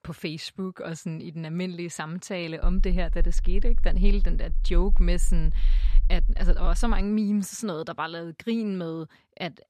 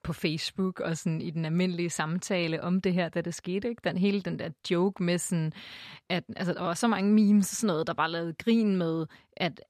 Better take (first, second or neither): second